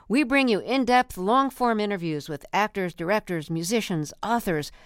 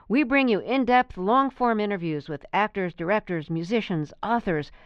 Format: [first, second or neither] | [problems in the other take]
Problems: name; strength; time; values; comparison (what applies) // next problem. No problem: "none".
first | muffled; slightly; fading above 3 kHz